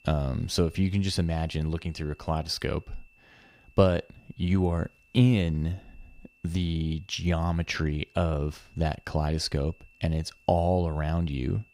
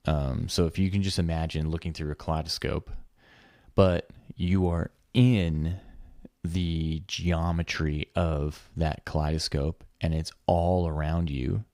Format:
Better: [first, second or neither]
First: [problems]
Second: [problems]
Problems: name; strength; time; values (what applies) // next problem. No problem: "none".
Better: second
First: high-pitched whine; faint; throughout; 2.5 kHz, 30 dB below the speech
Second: none